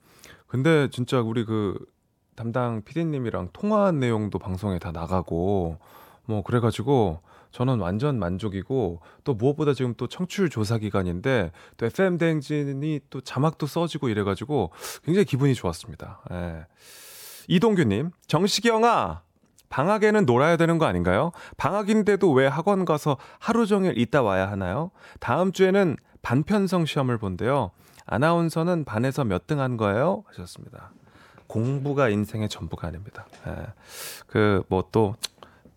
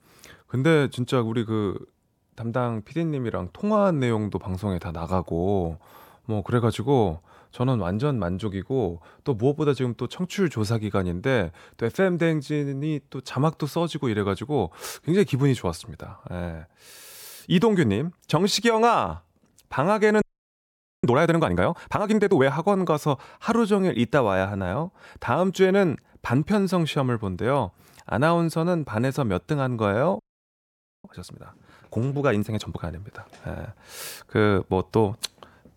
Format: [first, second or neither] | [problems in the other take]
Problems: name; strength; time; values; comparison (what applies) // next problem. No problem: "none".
first | audio freezing; at 20 s for 1 s and at 30 s for 1 s